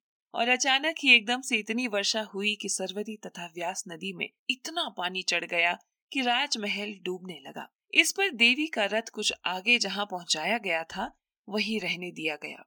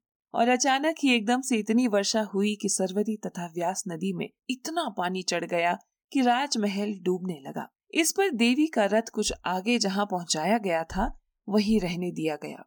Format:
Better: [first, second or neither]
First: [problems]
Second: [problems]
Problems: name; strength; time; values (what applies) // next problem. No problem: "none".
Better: second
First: thin; very slightly; fading below 300 Hz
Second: none